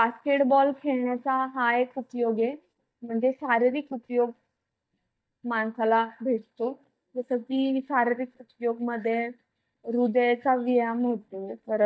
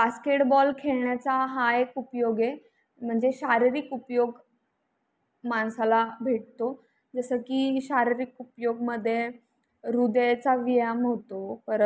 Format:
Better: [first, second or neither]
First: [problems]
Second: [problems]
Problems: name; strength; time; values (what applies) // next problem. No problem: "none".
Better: second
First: noise reduction (neural mask model DeepFilterNet 3)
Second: none